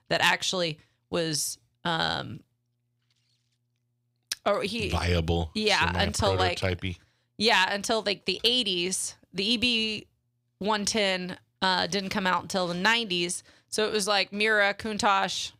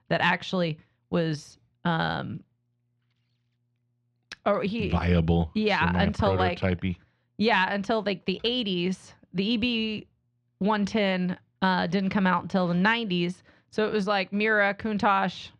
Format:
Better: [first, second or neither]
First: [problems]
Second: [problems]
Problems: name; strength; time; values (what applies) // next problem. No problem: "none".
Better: first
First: none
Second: muffled; slightly; fading above 2.5 kHz